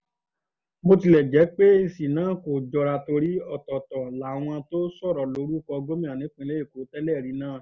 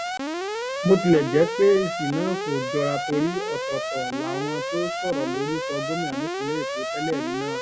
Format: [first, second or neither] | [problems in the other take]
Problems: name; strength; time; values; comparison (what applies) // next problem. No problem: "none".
first | background sound (Alarm); 3 dB below the speech